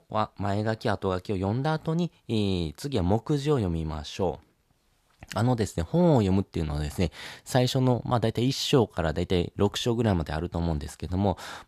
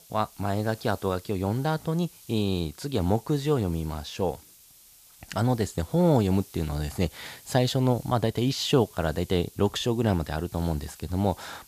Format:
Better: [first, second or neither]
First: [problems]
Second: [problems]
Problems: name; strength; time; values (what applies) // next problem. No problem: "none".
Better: first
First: none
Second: hiss; faint; throughout; 20 dB below the speech